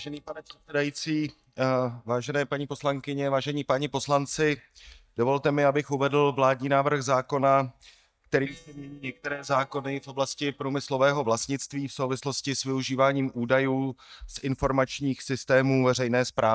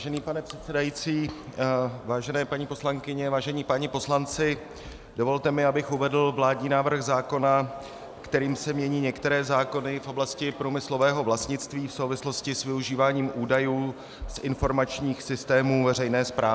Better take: second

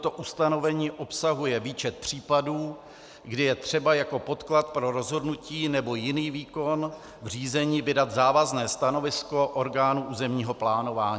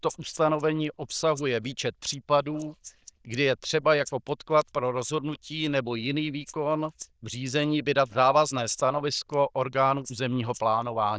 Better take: first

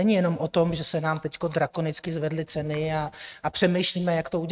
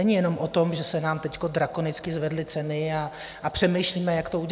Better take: second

